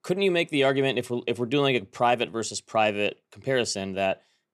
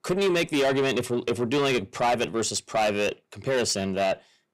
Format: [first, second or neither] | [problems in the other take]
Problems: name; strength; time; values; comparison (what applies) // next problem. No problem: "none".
first | distortion; heavy; 8 dB below the speech